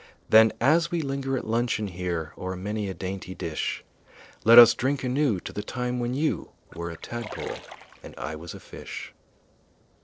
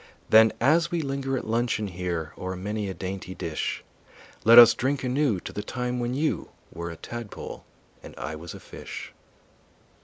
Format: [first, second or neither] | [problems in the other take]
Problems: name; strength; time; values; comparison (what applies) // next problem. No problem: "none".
second | noise reduction (neural separator model SepFormer DNS4)